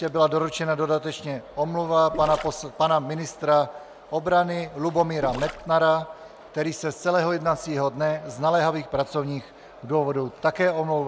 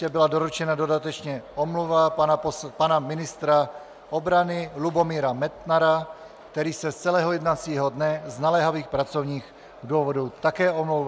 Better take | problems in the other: second | background sound (Gurgling); 14 dB below the speech

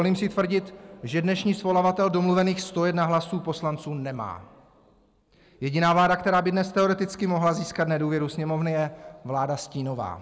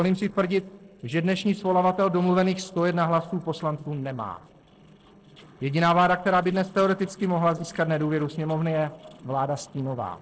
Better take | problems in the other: first | noise reduction (neural separator model SepFormer DNS4)

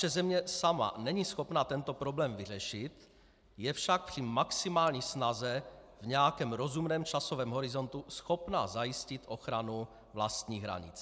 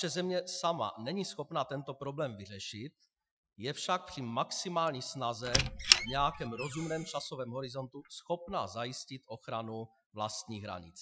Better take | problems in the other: first | noise reduction (classical method Wiener filter)

